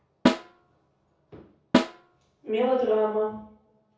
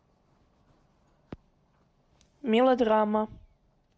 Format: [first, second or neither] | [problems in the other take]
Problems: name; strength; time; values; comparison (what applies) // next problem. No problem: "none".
second | background sound (Snare drum); 1 dB above the speech // room echo; dies away in 0.6 s